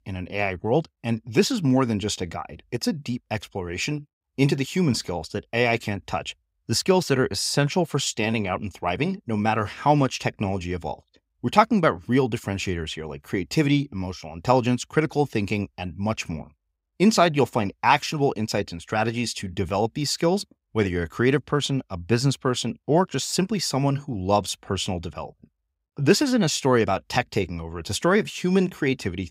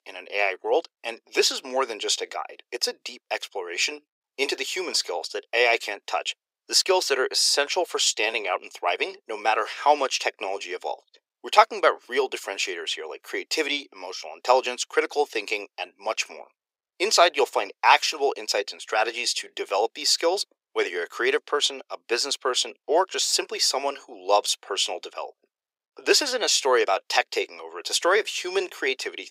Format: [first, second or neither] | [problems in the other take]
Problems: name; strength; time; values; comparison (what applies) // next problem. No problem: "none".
first | thin; very; fading below 400 Hz